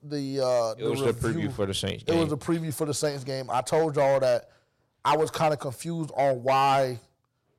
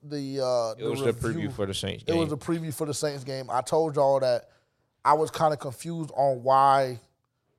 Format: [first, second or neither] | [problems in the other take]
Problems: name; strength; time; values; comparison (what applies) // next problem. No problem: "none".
second | distortion; slight; 5% of the sound clipped